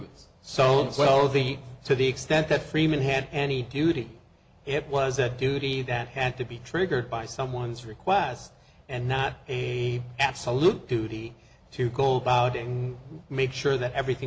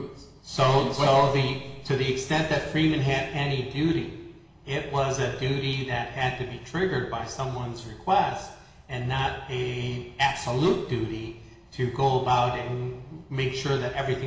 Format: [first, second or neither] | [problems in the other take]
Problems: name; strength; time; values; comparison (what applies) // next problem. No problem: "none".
first | room echo; dies away in 1.1 s